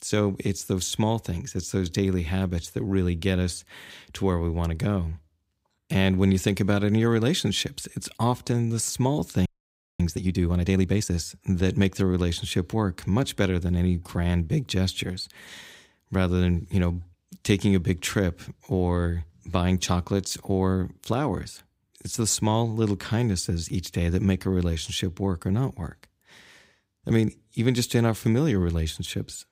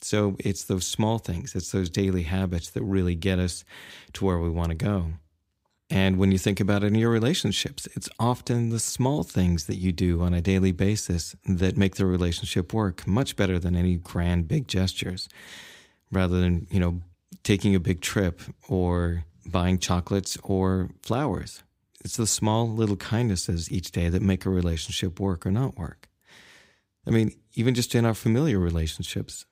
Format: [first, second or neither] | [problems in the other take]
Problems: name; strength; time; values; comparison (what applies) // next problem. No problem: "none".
second | audio freezing; at 9.5 s for 0.5 s